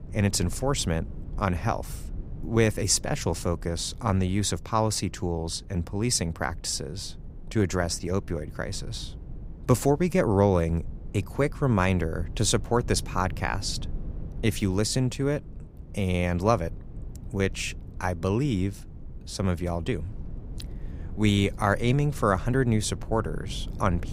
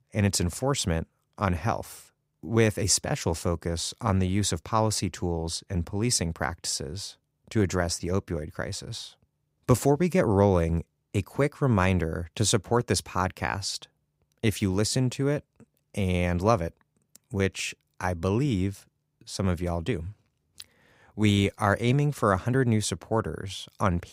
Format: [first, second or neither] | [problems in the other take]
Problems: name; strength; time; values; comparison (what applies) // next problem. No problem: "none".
second | low rumble; faint; throughout; 25 dB below the speech